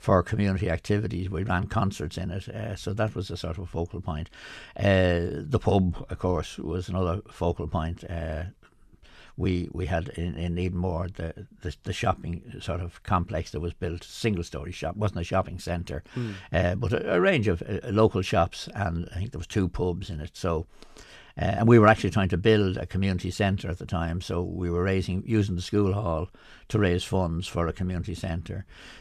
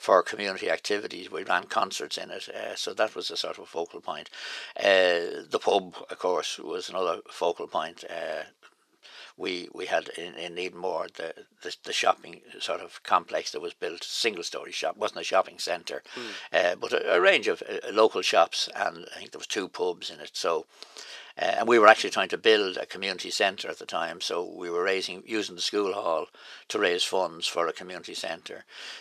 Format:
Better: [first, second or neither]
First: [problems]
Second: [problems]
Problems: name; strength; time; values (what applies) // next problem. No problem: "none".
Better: first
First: none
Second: thin; very; fading below 450 Hz